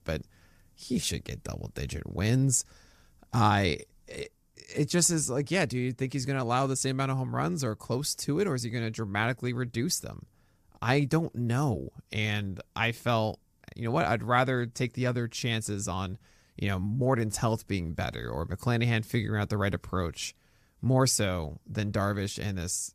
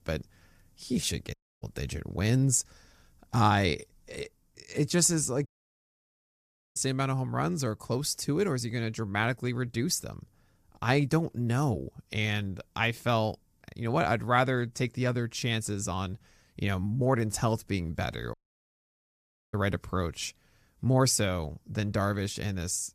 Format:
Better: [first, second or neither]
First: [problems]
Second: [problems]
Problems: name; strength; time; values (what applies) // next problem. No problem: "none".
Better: first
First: none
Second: audio cutting out; at 1.5 s, at 5.5 s for 1.5 s and at 18 s for 1 s